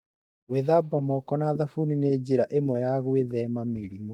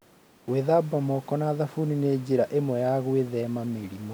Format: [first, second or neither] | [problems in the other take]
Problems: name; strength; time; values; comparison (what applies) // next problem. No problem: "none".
second | noise reduction (neural mask model DeepFilterNet 3)